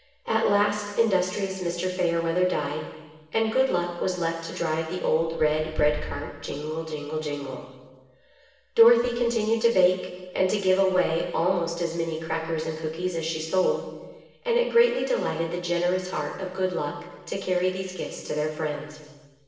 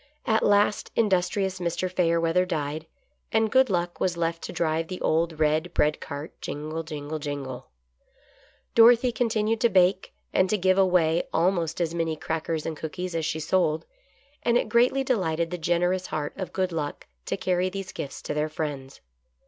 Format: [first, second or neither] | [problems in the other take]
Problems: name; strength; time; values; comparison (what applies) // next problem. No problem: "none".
second | room echo; dies away in 1.2 s